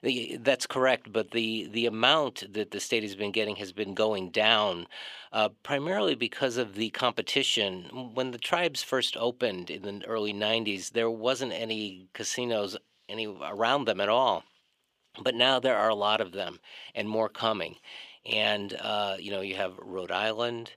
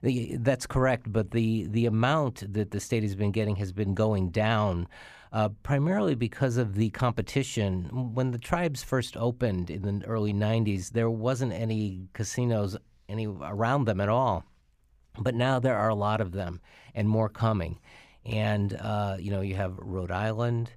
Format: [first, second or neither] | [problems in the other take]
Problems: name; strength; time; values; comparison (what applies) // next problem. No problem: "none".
second | thin; somewhat; fading below 400 Hz